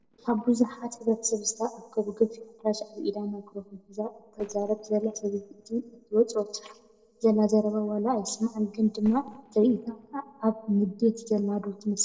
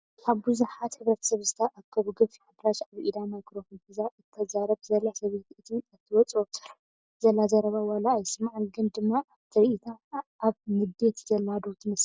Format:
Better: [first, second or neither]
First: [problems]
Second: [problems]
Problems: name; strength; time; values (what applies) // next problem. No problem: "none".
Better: second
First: noise reduction (neural separator model SepFormer DNS4)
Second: none